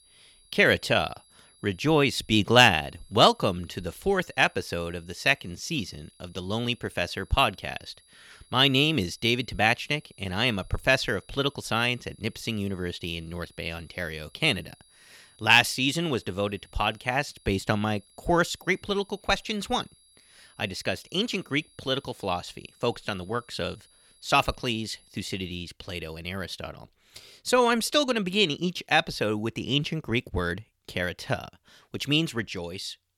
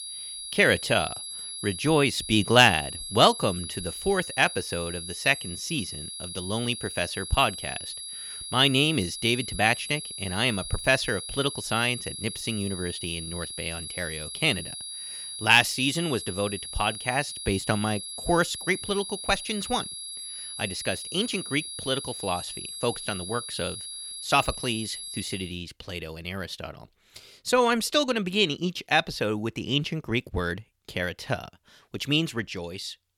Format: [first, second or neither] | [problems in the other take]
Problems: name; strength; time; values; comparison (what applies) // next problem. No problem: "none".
first | high-pitched whine; loud; until 25 s; 11 kHz, 8 dB below the speech; faint in the first